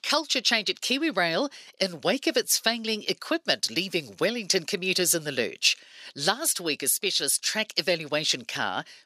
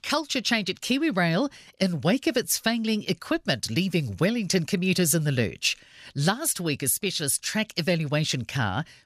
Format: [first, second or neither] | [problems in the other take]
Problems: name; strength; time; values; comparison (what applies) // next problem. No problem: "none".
second | thin; somewhat; fading below 400 Hz